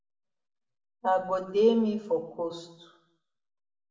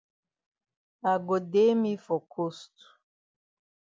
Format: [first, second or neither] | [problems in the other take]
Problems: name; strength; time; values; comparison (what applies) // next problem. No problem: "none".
second | room echo; dies away in 0.6 s